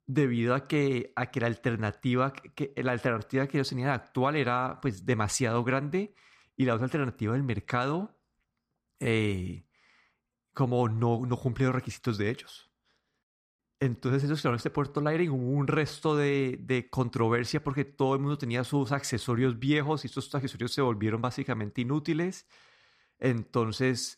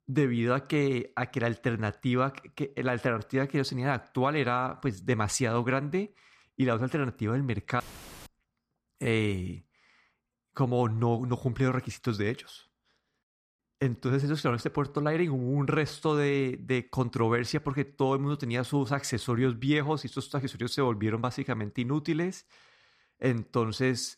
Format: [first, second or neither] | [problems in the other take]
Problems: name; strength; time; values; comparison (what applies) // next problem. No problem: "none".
first | audio cutting out; filled with static; at 8 s